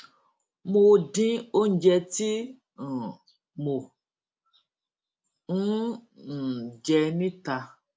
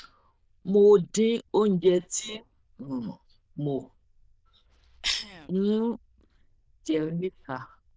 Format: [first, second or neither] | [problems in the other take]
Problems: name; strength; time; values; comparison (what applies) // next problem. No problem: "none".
first | noise reduction (neural diffusion model UNIVERSE++)